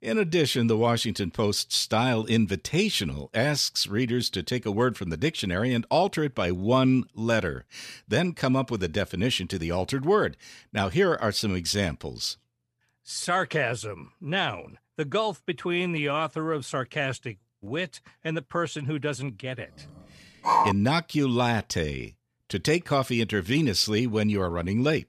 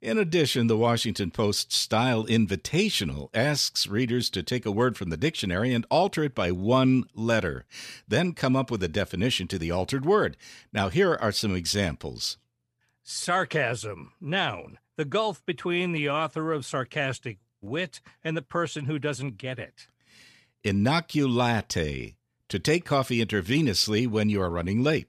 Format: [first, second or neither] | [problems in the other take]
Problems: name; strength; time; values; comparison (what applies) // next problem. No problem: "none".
second | dog barking; loud; at 20 s; peak 3 dB above the speech